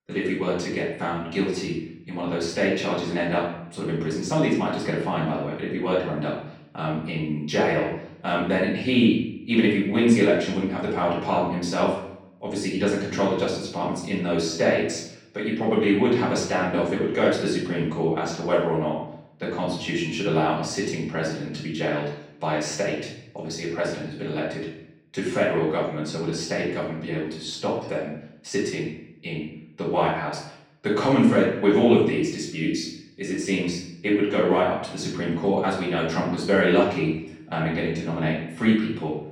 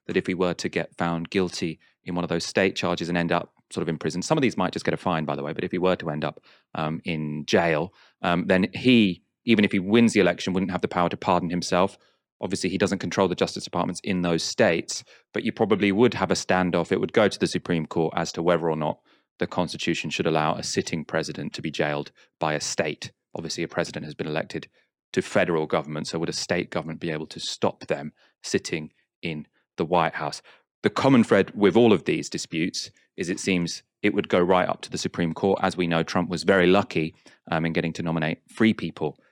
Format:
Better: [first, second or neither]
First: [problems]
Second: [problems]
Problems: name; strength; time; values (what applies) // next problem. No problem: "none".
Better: second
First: off-mic speech; far // room echo; noticeable; dies away in 0.6 s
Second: none